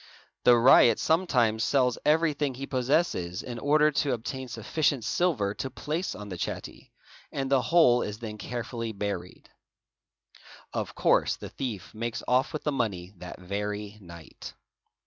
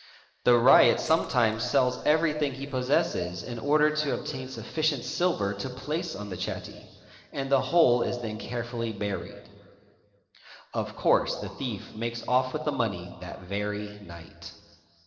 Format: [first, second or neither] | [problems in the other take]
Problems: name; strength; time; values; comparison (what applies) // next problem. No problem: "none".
first | noise reduction (neural separator model SepFormer DNS4)